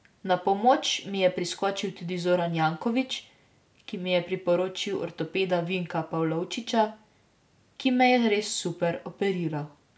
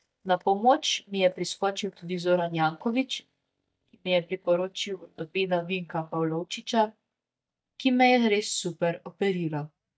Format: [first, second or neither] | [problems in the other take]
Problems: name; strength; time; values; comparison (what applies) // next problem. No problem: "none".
first | noise reduction (neural mask model DeepFilterNet 3)